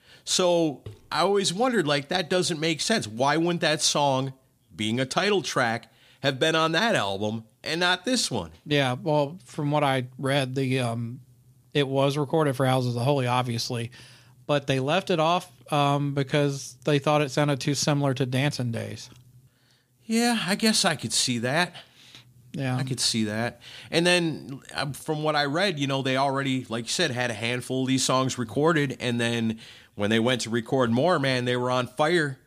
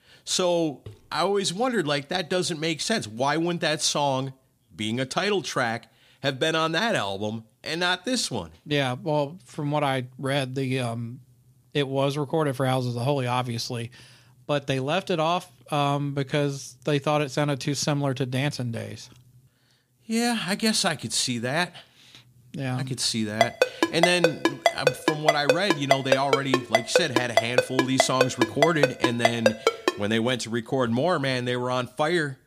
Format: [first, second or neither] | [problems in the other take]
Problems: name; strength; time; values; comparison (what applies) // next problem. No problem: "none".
first | phone ringing; loud; from 23 to 30 s; peak 3 dB above the speech